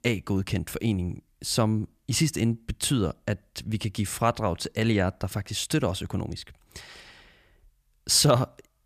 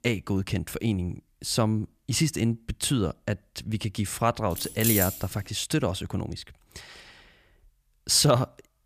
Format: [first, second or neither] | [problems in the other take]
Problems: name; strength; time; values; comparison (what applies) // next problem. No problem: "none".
first | jangling keys; loud; at 4.5 s; peak 3 dB above the speech